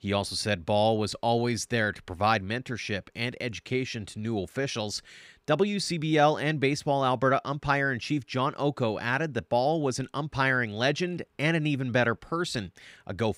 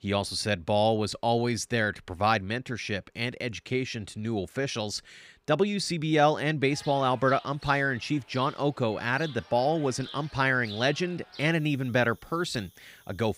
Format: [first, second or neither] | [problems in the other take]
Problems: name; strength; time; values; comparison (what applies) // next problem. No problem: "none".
first | animal sounds; noticeable; from 6.5 s on; 20 dB below the speech